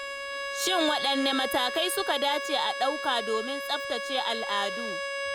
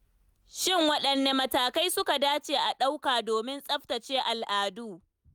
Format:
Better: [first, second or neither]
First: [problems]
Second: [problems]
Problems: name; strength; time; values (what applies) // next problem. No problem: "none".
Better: second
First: background sound (Bowed string instrument); 4 dB below the speech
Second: none